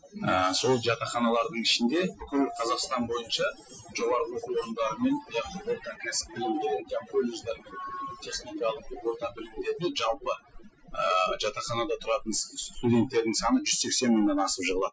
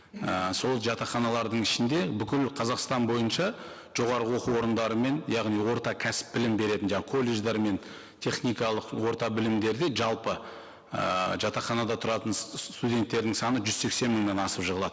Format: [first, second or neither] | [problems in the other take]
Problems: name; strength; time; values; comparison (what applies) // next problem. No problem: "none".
second | noise reduction (classical method Wiener filter)